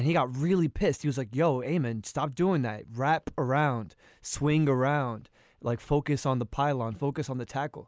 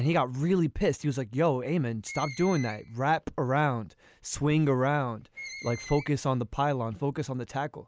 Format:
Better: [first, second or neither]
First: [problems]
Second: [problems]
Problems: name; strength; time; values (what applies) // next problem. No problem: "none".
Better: first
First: none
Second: background sound (Screech); 18 dB below the speech